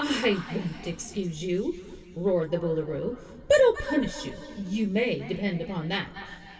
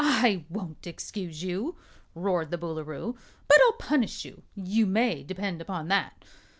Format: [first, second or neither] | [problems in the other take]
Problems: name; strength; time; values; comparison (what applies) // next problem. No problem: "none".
second | room echo; dies away in 2.9 s